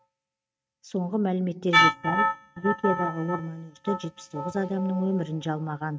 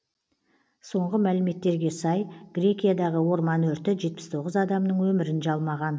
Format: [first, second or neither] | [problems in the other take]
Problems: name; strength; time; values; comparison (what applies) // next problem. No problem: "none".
second | noise reduction (neural mask model RNNoise)